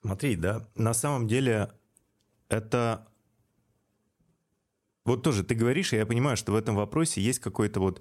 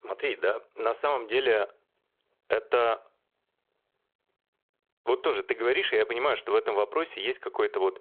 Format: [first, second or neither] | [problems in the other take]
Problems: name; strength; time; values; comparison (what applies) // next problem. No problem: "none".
first | phone-call audio